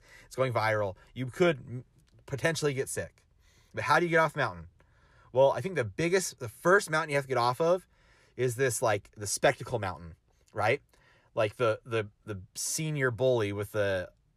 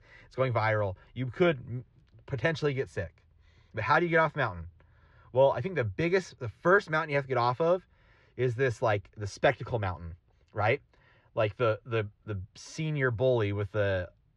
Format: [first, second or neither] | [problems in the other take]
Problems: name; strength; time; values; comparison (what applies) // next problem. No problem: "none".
first | muffled; slightly; fading above 4 kHz